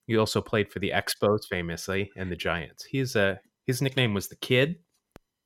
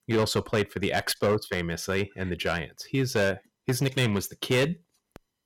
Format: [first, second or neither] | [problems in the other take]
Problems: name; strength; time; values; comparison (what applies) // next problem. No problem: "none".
first | distortion; slight; 6% of the sound clipped